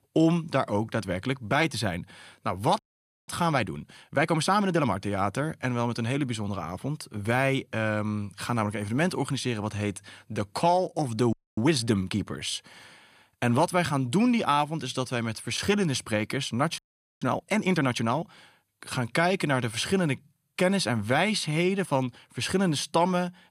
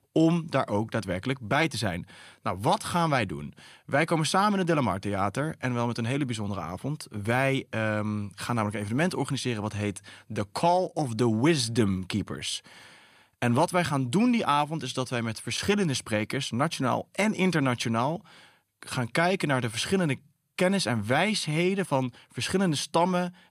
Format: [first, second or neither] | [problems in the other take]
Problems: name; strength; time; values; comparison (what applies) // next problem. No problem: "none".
second | audio freezing; at 3 s, at 11 s and at 17 s